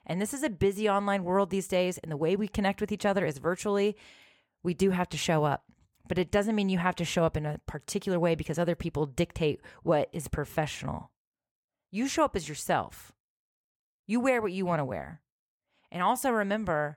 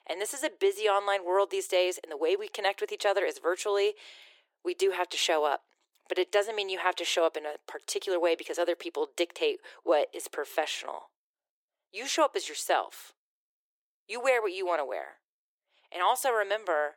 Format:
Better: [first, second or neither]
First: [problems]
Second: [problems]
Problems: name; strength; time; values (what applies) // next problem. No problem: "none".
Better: first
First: none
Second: thin; very; fading below 350 Hz